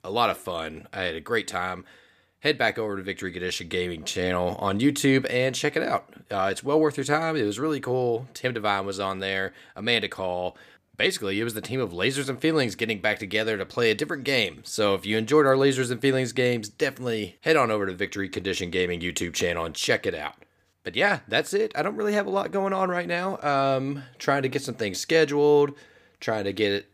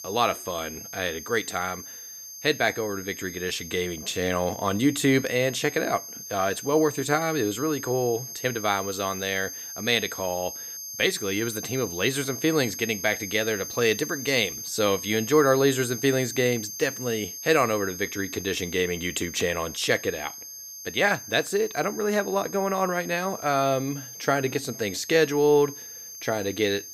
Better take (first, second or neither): first